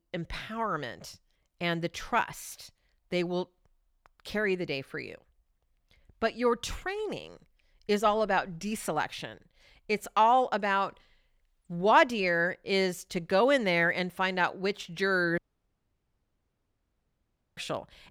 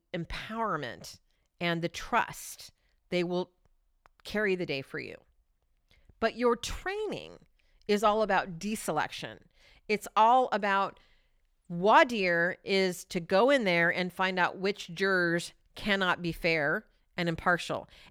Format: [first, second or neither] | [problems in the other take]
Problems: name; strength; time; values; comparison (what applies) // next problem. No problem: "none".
second | audio cutting out; at 15 s for 2 s